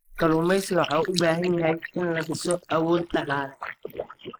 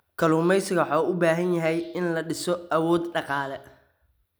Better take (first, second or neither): second